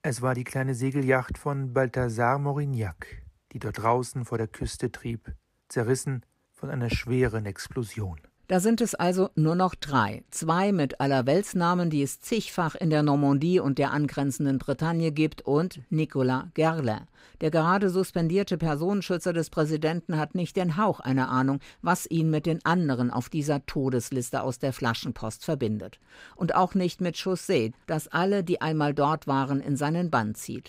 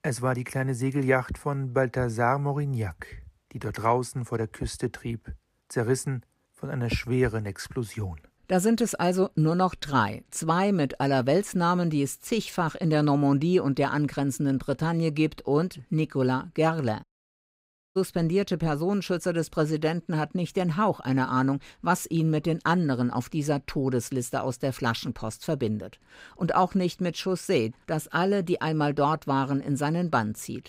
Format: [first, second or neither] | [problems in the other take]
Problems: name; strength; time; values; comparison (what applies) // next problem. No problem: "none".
first | audio cutting out; at 17 s for 1 s